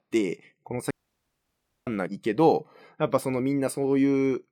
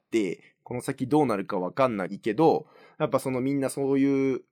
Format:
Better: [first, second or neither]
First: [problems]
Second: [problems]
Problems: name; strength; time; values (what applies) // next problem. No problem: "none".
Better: second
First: audio cutting out; at 1 s for 1 s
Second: none